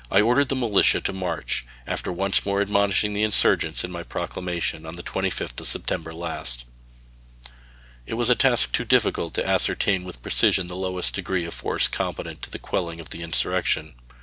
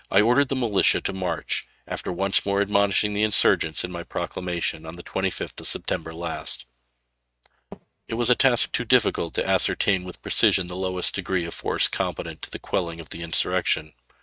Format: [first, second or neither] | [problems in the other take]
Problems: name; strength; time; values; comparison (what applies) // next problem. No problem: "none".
first | noise reduction (neural mask model RNNoise)